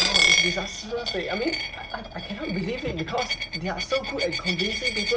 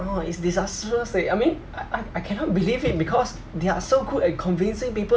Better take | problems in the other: second | background sound (Coin (dropping)); 3 dB above the speech

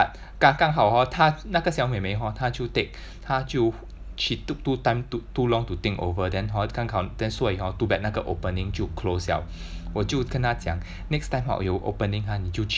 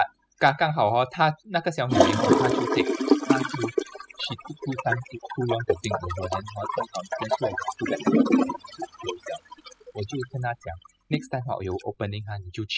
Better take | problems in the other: first | noise reduction (classical method spectral subtraction)

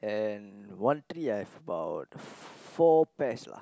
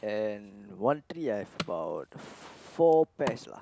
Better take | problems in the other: first | background sound (Wood); 15 dB below the speech

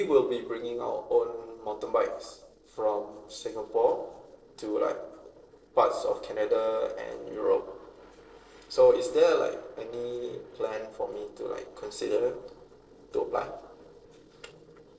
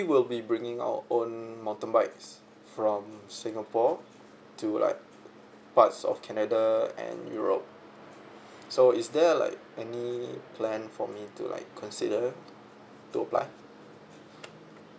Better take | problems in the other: second | noise reduction (neural separator model SepFormer DNS4)

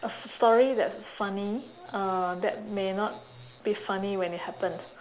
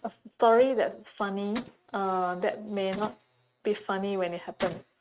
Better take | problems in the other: first | noise reduction (neural mask model RNNoise)

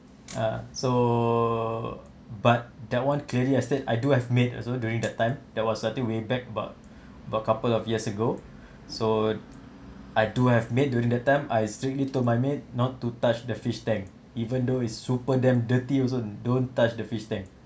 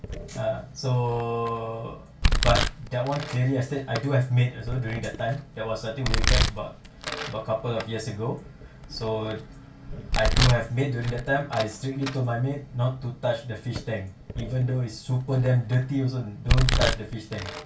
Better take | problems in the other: first | background sound (Domestic sounds, home sounds); 3 dB below the speech // room echo; dies away in 0.2 s

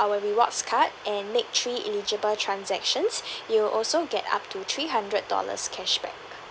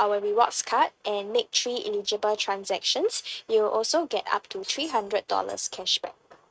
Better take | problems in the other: first | noise reduction (neural mask model RNNoise)

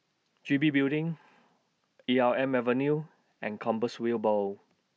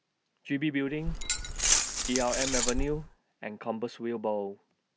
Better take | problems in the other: first | background sound (Glass); 3 dB above the speech

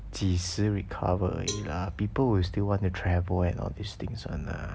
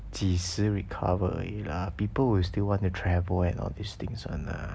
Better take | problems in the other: second | background sound (Cowbell); 15 dB below the speech

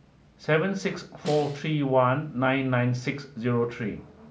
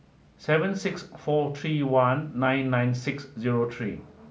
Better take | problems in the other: second | background sound (Snare drum); 16 dB below the speech

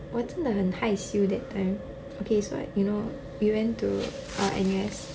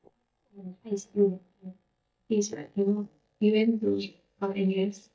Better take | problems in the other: first | noise reduction (neural mask model DeepFilterNet 3)

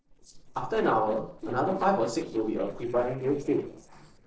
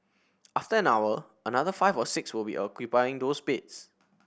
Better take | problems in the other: second | noise reduction (neural separator model SepFormer DNS4)

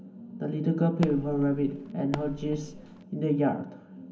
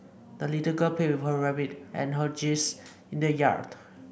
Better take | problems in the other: second | background sound (Fireworks); 12 dB below the speech // room echo; dies away in 0.4 s

